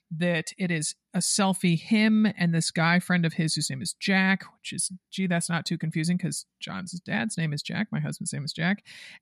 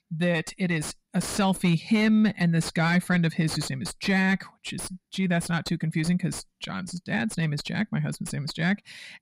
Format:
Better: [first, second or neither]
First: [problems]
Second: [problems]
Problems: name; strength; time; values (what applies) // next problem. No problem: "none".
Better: first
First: none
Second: distortion; slight; 10 dB below the speech